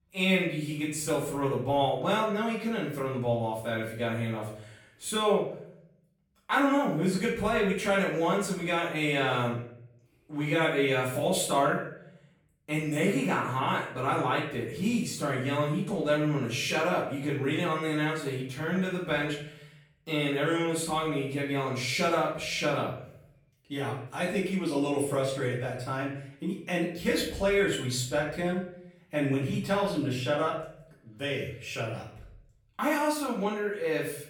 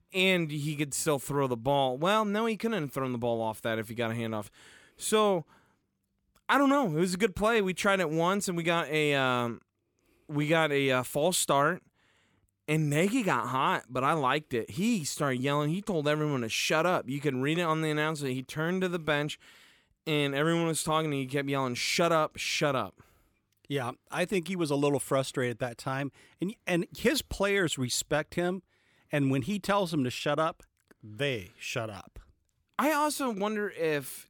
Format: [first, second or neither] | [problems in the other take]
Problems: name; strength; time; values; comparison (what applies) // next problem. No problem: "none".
second | room echo; noticeable; dies away in 0.6 s // off-mic speech; far